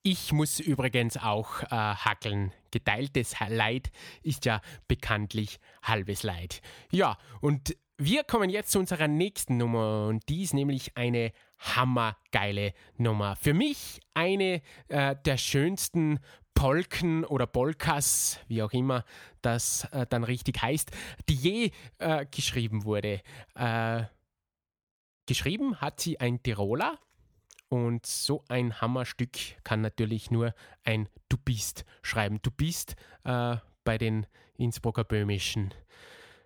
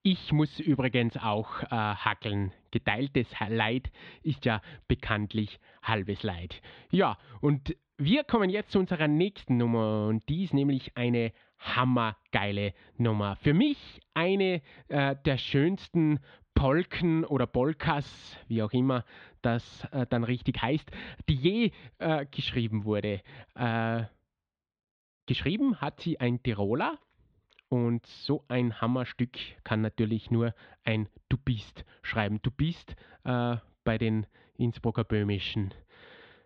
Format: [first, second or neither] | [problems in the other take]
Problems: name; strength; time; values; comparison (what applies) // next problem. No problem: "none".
first | muffled; slightly; fading above 4 kHz